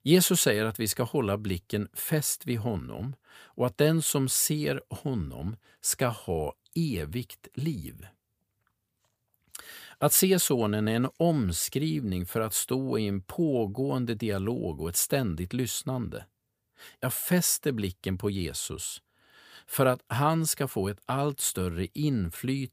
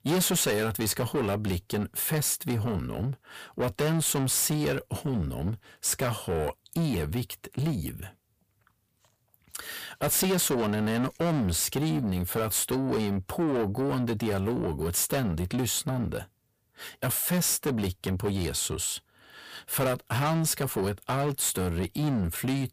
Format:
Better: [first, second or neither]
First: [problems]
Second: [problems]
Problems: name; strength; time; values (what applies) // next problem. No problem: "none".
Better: first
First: none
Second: distortion; heavy; 6 dB below the speech